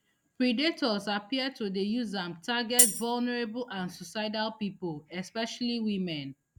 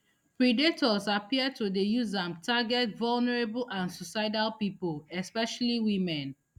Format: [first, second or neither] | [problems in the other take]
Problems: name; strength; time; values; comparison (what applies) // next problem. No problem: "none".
second | background sound (Tambourine); 3 dB above the speech